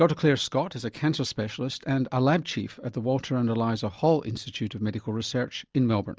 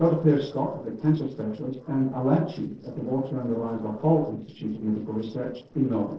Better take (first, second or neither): first